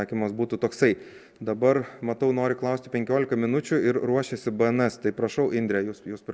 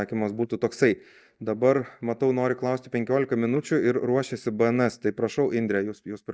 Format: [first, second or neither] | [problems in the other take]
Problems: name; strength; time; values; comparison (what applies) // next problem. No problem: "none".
first | noise reduction (neural mask model DeepFilterNet 3)